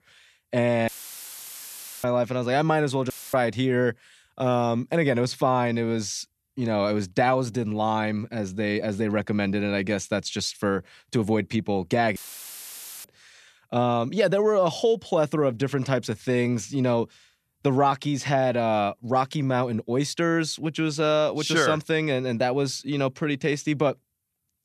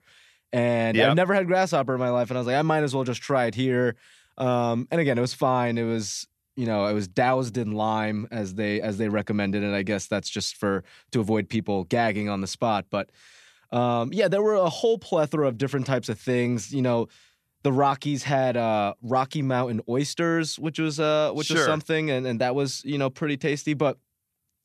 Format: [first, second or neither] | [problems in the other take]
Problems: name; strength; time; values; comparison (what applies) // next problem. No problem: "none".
second | audio cutting out; filled with static; at 1 s for 1 s, at 3 s and at 12 s for 1 s